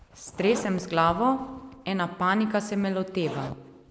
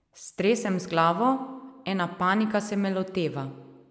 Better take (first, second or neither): second